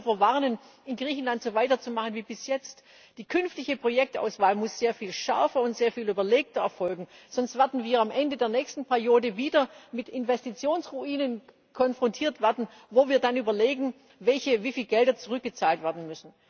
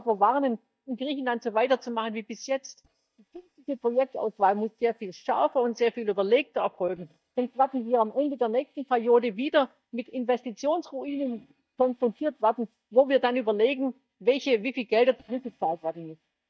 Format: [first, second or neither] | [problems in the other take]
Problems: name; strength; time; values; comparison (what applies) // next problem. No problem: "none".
first | noise reduction (neural mask model DeepFilterNet 3)